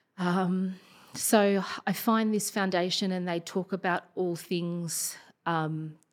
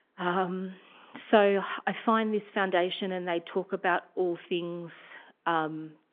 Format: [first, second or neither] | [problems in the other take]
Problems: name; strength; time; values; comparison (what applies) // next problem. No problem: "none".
first | phone-call audio; nothing above 3.5 kHz